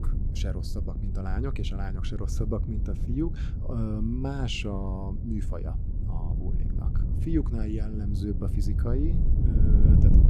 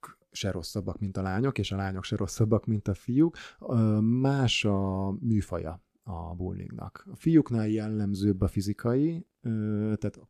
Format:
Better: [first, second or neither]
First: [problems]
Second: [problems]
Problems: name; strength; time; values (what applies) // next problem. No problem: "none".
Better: second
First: wind noise on the microphone; heavy; 5 dB below the speech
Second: none